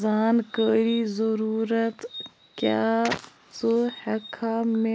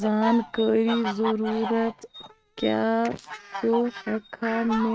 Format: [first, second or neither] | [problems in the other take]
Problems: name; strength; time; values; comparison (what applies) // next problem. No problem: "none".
first | noise reduction (neural mask model RNNoise)